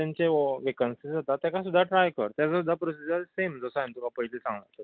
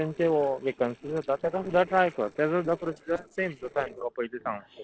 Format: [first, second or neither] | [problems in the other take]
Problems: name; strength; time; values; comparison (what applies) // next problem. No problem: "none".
first | noise reduction (neural separator model SepFormer DNS4)